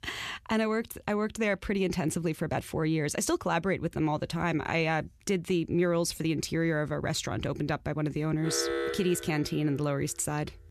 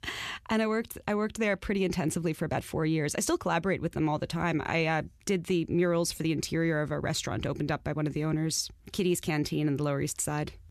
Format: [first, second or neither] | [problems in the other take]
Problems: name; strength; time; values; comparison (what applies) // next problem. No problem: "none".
second | alarm; noticeable; from 8.5 to 9.5 s; peak 1 dB below the speech